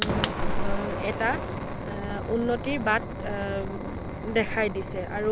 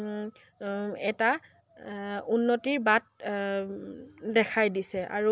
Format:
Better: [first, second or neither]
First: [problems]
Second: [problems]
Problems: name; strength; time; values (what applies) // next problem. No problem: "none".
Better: second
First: background sound (Fire); as loud as the speech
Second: none